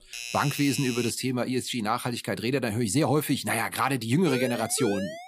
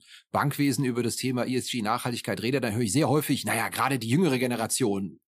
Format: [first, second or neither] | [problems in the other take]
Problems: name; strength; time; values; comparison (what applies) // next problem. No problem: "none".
second | doorbell; noticeable; until 1 s; peak 6 dB below the speech // siren; noticeable; from 4.5 s on; peak 7 dB below the speech